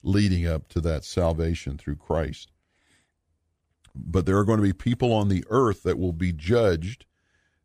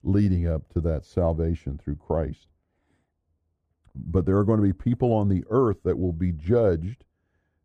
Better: first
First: none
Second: muffled; very; fading above 1.5 kHz

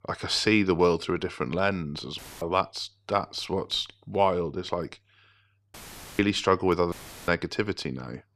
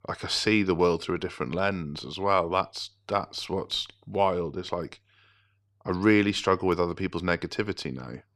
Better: second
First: audio cutting out; filled with static; at 2 s, at 5.5 s and at 7 s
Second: none

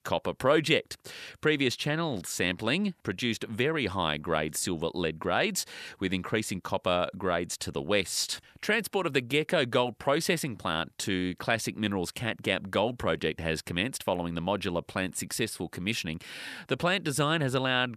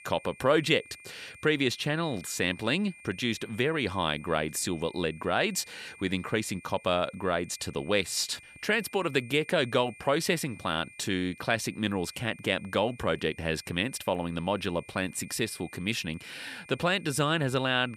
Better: first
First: none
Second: high-pitched whine; faint; throughout; 2.5 kHz, 20 dB below the speech

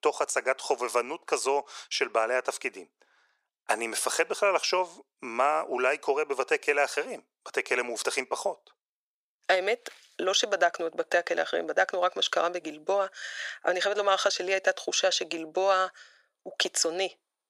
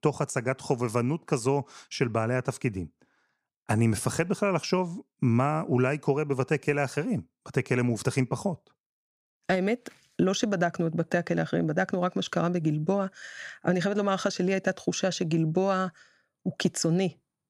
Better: second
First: thin; very; fading below 450 Hz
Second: none

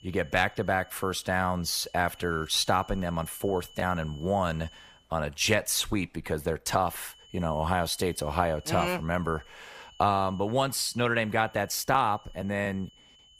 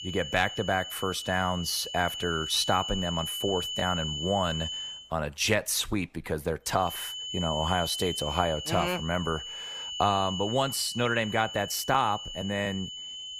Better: first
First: high-pitched whine; faint; until 5 s and from 7 s on; 3 kHz, 25 dB below the speech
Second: high-pitched whine; loud; until 5 s and from 7 s on; 3 kHz, 6 dB below the speech

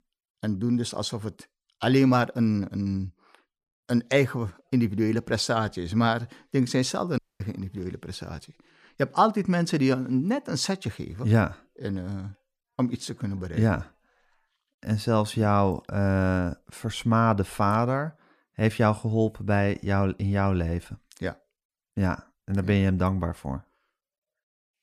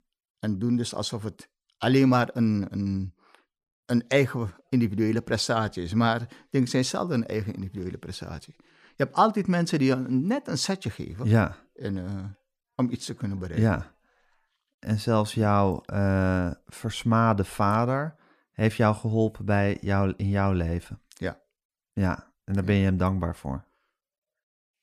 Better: second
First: audio cutting out; at 7 s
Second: none

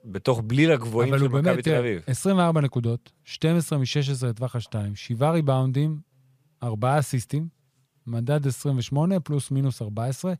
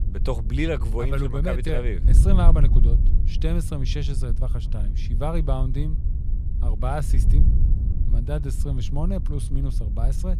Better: first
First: none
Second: wind noise on the microphone; heavy; 10 dB below the speech

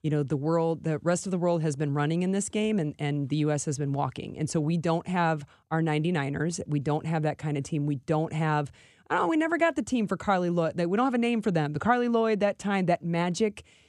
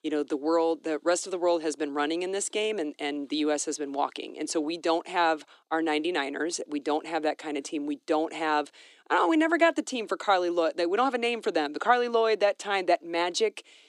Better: first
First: none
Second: thin; somewhat; fading below 300 Hz

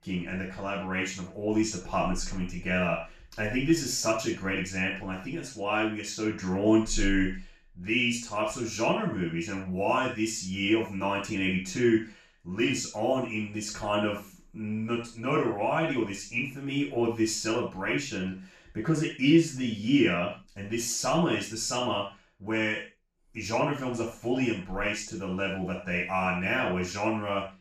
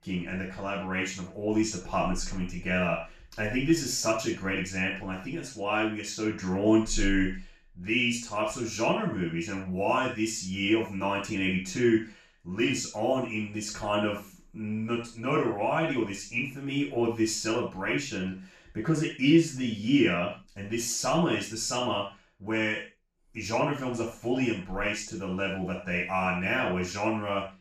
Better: neither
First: room echo; noticeable; dies away in 0.3 s // off-mic speech; far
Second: room echo; noticeable; dies away in 0.3 s // off-mic speech; far

